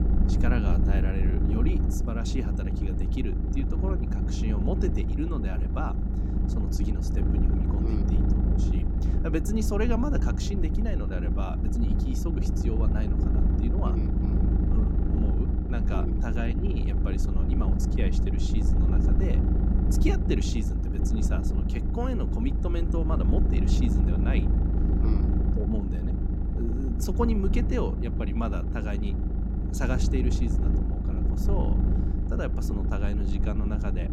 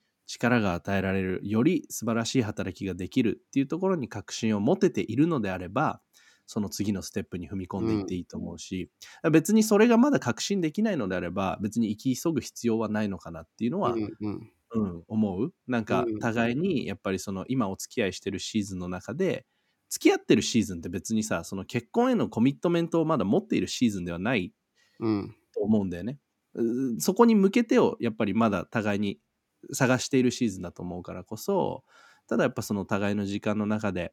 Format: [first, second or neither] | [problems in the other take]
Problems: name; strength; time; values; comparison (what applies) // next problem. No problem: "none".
second | low rumble; loud; throughout; 2 dB below the speech